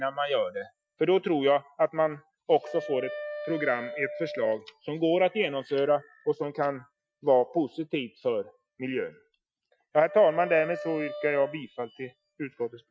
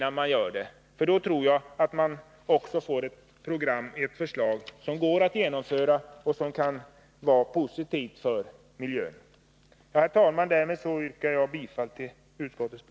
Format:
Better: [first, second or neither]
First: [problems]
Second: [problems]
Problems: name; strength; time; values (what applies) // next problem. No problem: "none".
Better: second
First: noise reduction (classical method Wiener filter)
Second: none